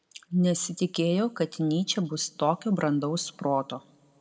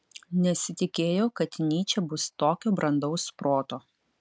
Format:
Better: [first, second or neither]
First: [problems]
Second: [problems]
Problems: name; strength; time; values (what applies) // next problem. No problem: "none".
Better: second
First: room echo; dies away in 0.6 s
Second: none